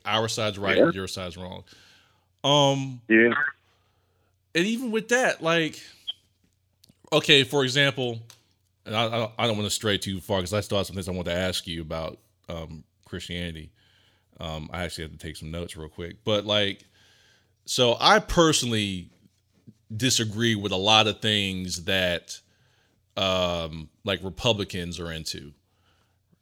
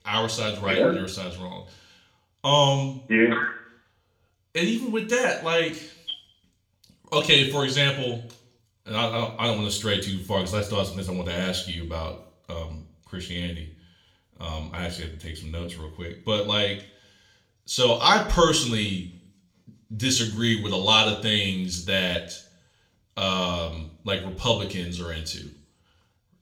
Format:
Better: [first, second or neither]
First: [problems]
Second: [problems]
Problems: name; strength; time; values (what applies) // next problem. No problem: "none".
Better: first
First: none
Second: room echo; very slight; dies away in 0.4 s // off-mic speech; somewhat distant